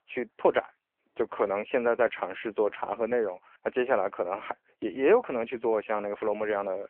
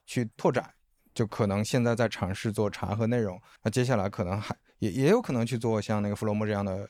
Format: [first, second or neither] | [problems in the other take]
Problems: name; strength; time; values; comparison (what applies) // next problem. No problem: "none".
second | phone-call audio; poor line